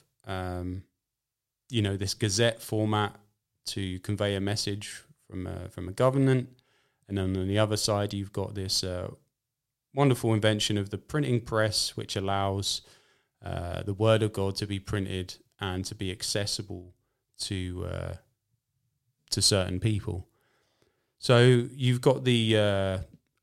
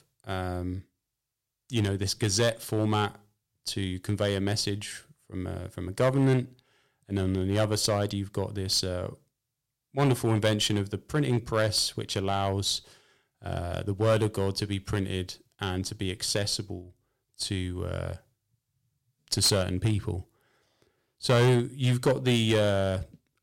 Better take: first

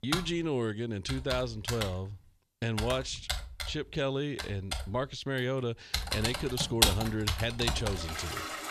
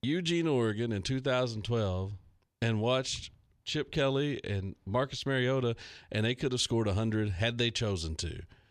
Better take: second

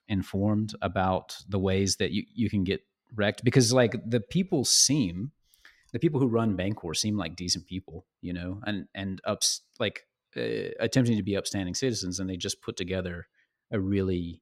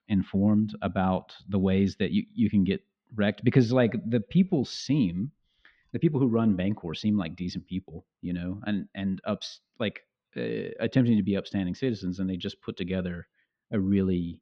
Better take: first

